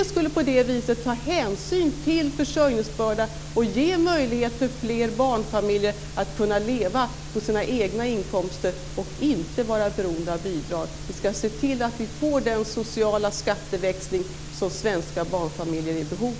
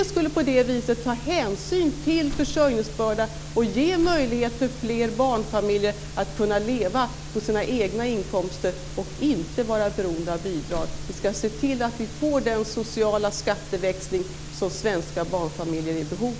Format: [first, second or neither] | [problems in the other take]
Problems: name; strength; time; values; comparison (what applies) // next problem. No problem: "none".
first | background sound (Slam); 12 dB below the speech